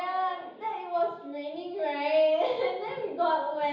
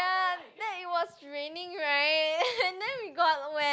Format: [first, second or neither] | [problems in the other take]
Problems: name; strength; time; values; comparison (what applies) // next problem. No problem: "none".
second | room echo; dies away in 0.9 s